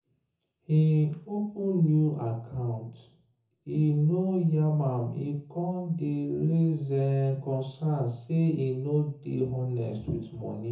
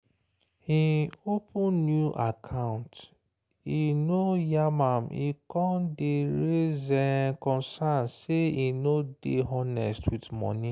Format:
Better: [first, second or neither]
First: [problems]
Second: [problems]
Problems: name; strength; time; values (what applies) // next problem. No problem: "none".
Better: second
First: room echo; dies away in 0.5 s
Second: none